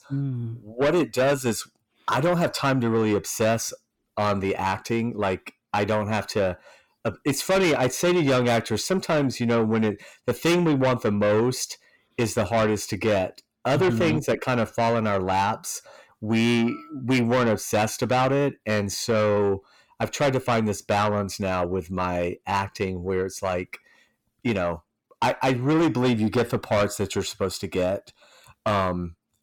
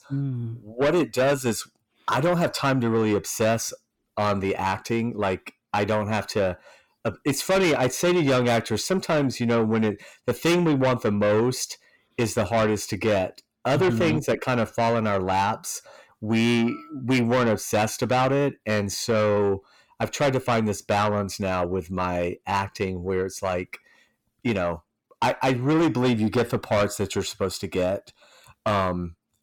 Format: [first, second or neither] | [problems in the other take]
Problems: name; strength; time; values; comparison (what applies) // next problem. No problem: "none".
neither | distortion; heavy; 7 dB below the speech; the same in both